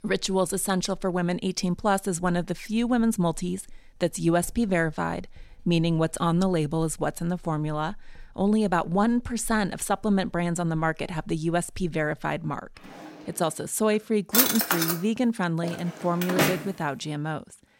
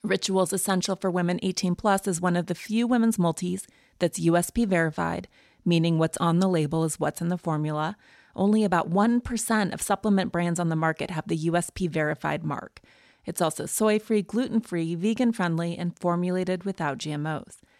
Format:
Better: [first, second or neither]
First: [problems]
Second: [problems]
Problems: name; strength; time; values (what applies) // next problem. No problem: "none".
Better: second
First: household noises; very loud; throughout; 1 dB above the speech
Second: none